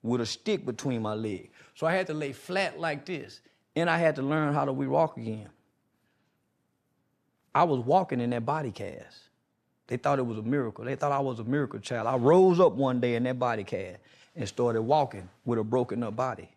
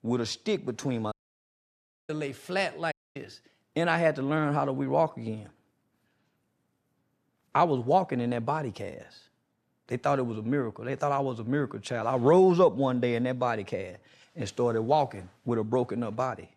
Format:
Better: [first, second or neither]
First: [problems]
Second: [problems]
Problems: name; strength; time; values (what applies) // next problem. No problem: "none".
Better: first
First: none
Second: audio cutting out; at 1 s for 1 s and at 3 s